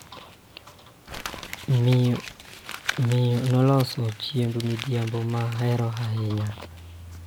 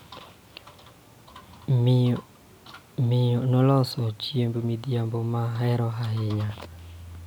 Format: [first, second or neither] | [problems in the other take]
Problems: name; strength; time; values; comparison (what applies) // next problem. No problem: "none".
second | background sound (Crumpling, crinkling); 15 dB below the speech